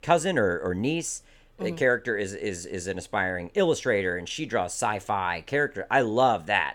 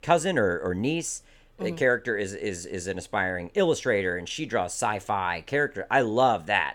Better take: neither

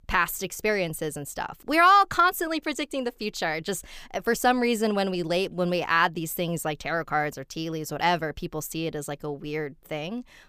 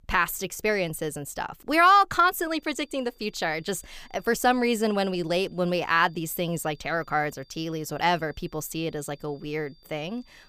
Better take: first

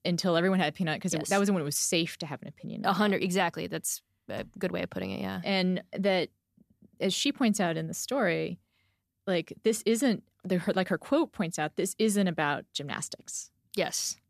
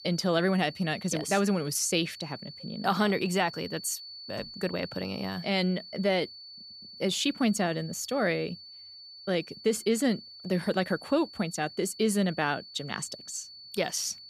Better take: first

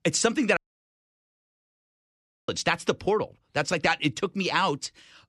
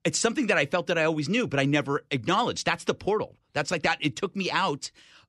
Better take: second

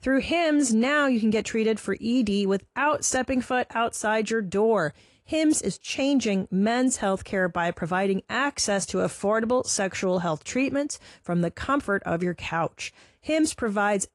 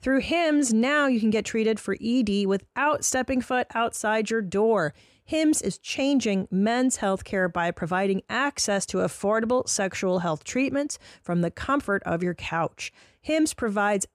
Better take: second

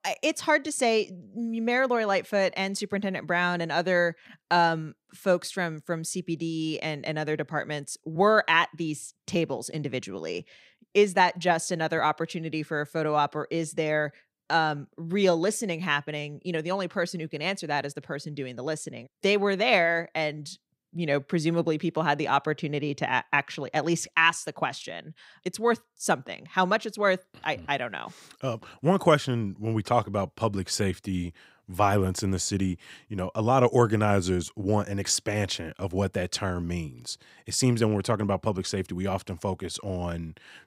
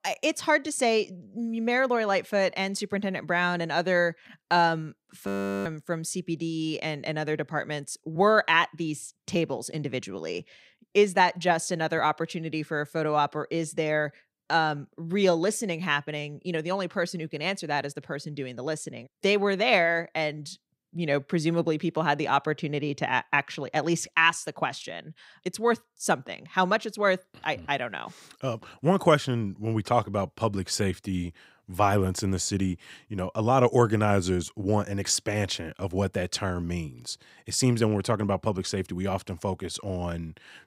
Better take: first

